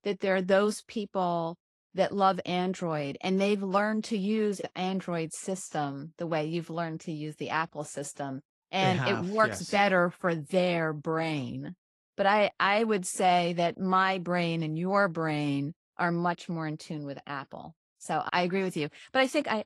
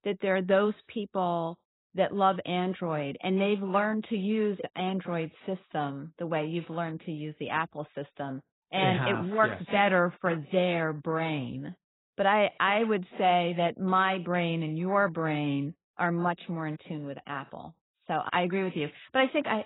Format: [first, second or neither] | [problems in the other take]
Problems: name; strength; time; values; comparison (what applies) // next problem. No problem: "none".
first | garbled, watery; badly; nothing above 4 kHz; slightly in the first